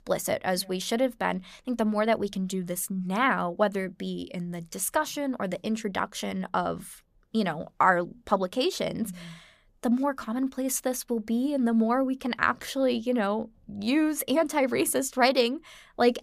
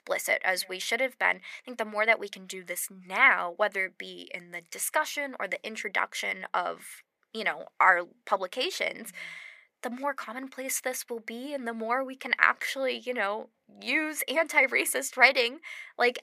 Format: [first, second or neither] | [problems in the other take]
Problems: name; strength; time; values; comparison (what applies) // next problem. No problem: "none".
first | thin; somewhat; fading below 500 Hz